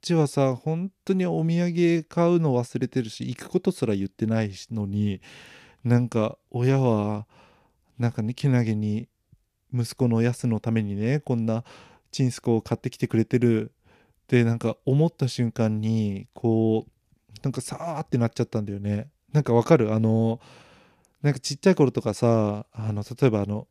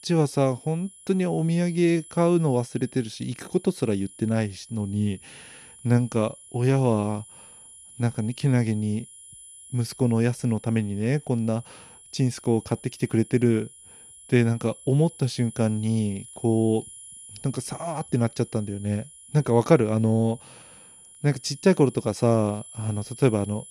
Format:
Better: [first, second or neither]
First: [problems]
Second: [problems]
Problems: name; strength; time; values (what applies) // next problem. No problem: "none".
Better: first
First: none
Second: high-pitched whine; noticeable; throughout; 10.5 kHz, 20 dB below the speech